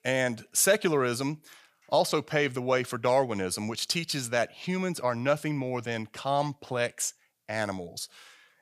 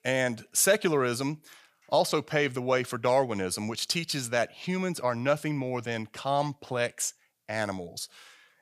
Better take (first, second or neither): neither